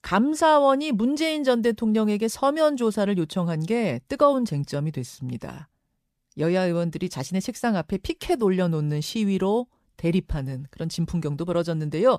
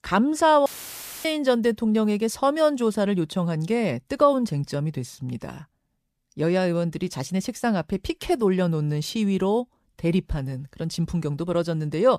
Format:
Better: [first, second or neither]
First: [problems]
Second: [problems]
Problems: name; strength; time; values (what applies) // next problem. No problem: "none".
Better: first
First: none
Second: audio cutting out; filled with static; at 0.5 s for 0.5 s